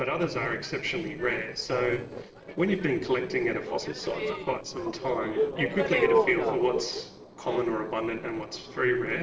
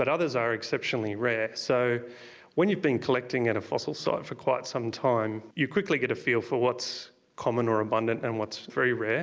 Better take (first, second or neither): second